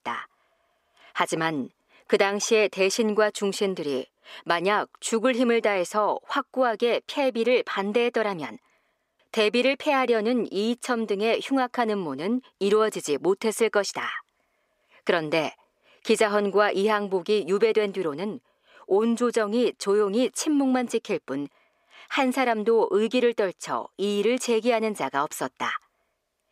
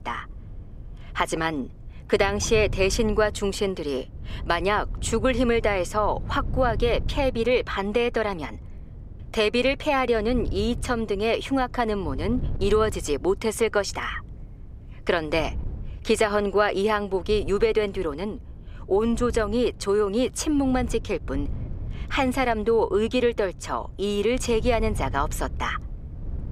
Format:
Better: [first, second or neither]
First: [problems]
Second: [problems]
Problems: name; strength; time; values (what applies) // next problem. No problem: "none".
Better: first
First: none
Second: wind noise on the microphone; occasional gusts; 25 dB below the speech